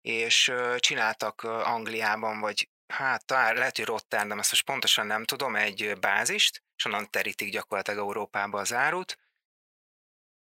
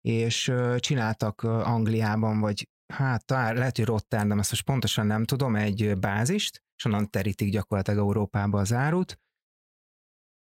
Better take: second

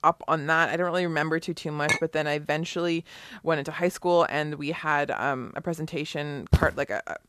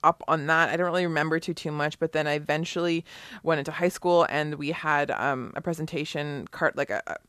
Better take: second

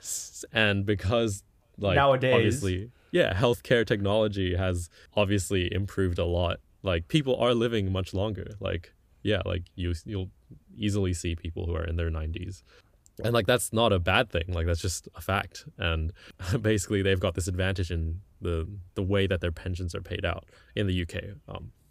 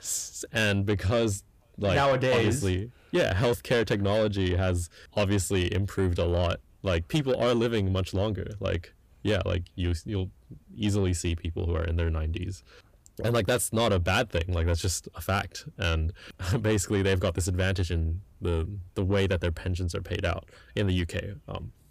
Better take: first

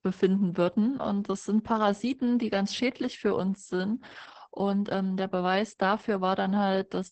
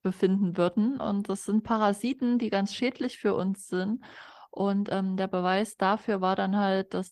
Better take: second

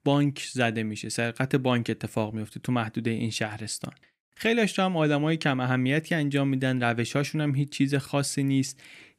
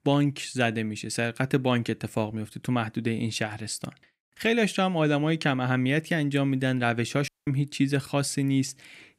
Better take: first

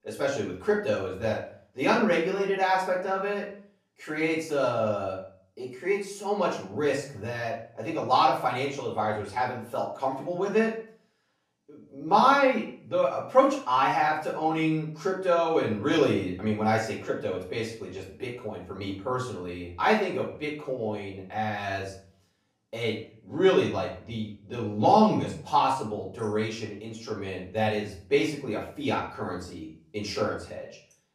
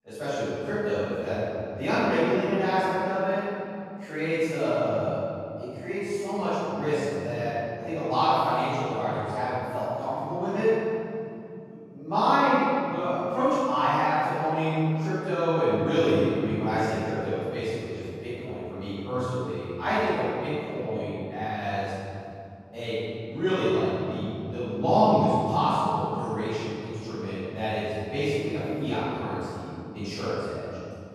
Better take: first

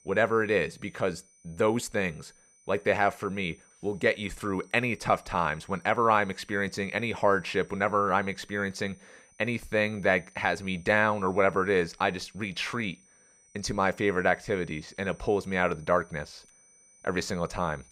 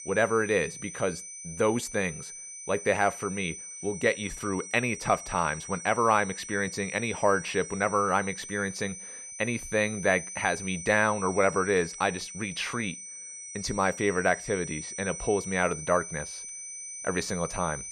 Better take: first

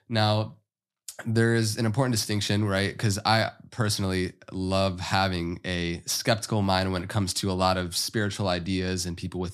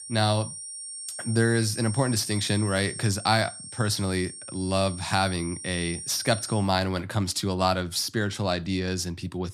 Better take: first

